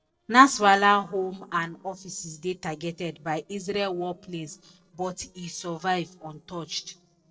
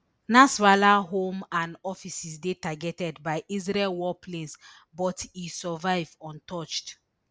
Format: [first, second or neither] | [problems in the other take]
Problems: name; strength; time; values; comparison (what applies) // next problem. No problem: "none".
second | noise reduction (neural separator model SepFormer DNS4)